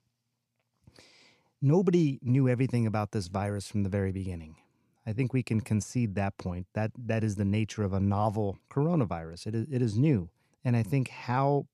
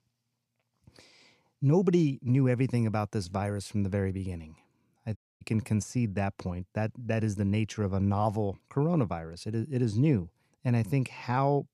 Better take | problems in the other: first | audio cutting out; at 5 s

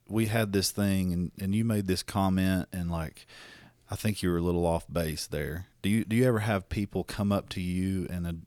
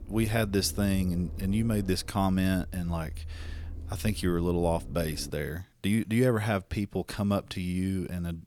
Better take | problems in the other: first | low rumble; faint; until 5.5 s; 20 dB below the speech

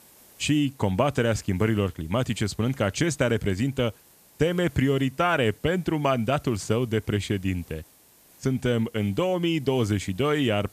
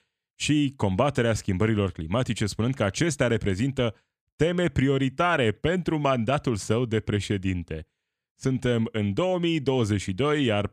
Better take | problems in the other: second | hiss; faint; throughout; 25 dB below the speech

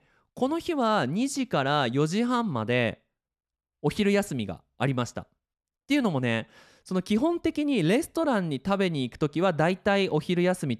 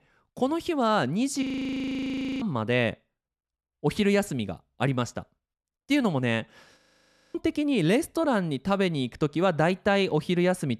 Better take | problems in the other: first | audio freezing; at 1.5 s for 1 s and at 7 s for 0.5 s

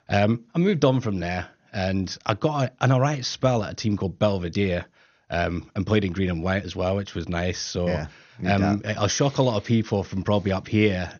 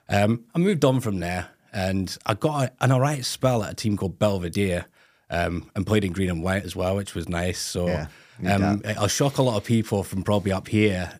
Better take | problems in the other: second | garbled, watery; slightly; nothing above 6.5 kHz

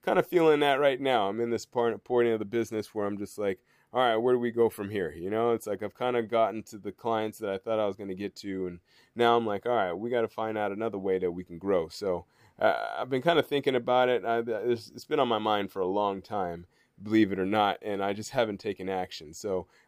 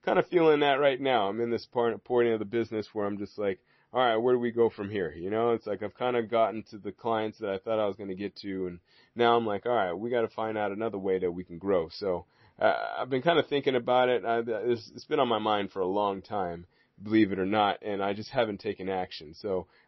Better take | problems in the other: first | garbled, watery; slightly; nothing above 5.5 kHz

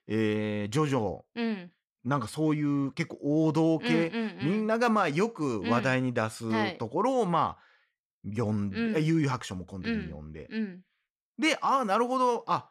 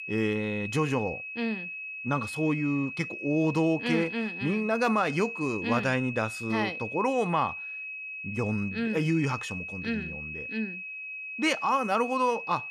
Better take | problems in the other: first | high-pitched whine; loud; throughout; 2.5 kHz, 7 dB below the speech

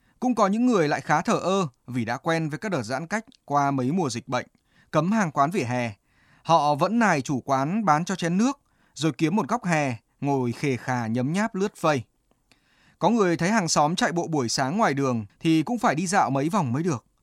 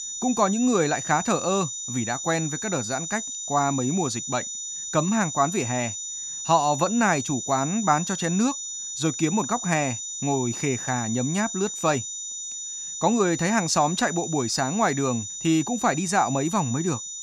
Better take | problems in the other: first | high-pitched whine; loud; throughout; 7 kHz, 6 dB below the speech

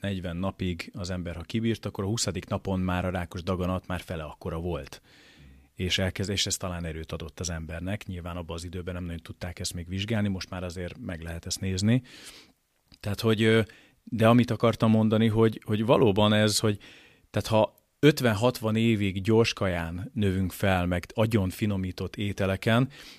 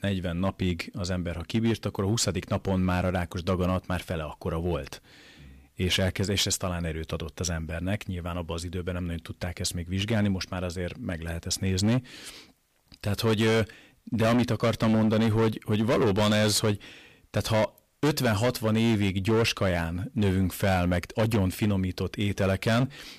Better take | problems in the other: first | distortion; heavy; 10% of the sound clipped

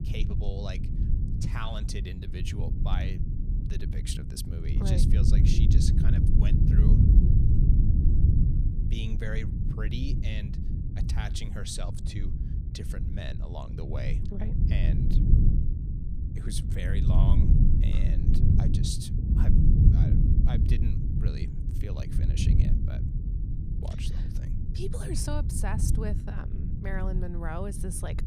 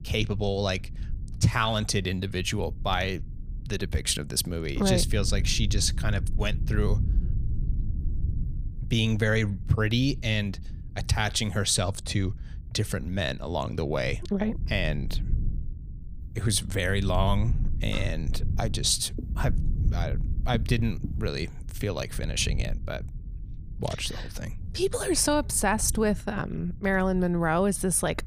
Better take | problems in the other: second | low rumble; loud; throughout; as loud as the speech; faint in the second

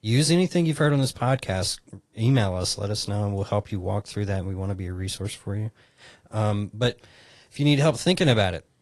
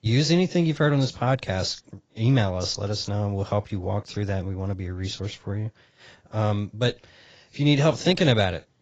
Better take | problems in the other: first | garbled, watery; badly; nothing above 7.5 kHz; slightly in the first

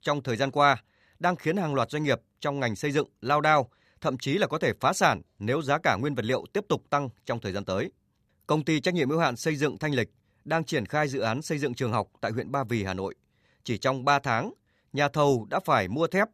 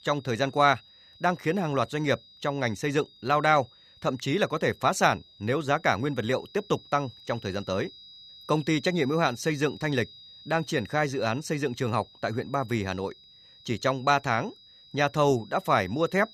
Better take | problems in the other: first | high-pitched whine; faint; throughout; 4 kHz, 20 dB below the speech

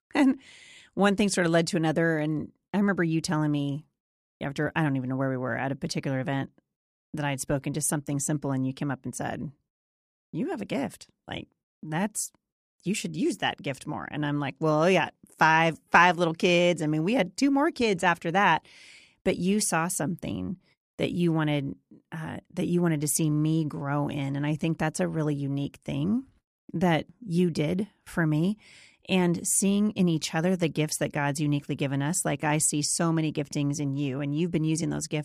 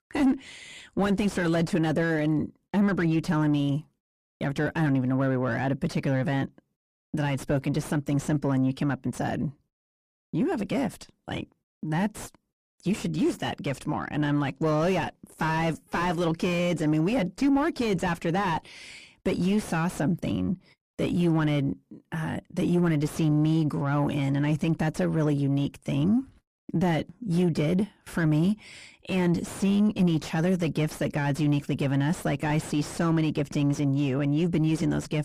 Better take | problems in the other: first | distortion; heavy; 6 dB below the speech

